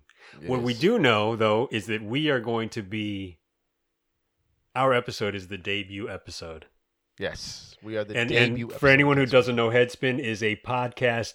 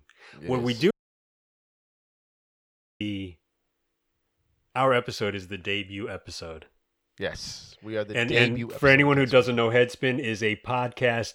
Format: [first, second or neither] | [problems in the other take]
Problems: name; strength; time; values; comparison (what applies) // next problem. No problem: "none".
first | audio cutting out; at 1 s for 2 s